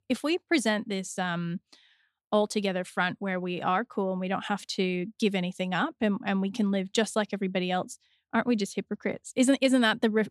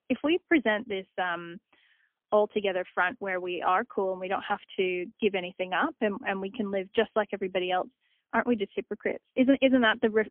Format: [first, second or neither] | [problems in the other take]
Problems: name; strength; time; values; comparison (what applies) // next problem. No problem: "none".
first | phone-call audio; poor line; nothing above 3.5 kHz